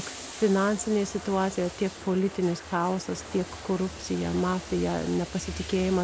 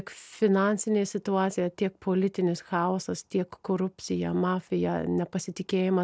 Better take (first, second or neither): second